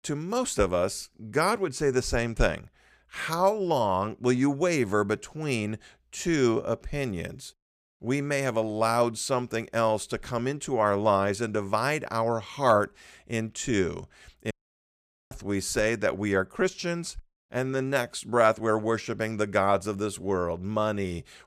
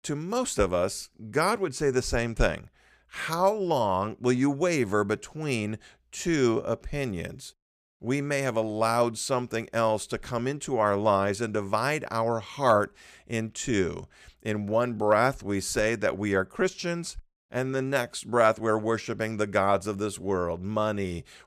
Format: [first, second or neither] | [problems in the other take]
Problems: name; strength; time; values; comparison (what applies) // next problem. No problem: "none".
second | audio cutting out; at 15 s for 1 s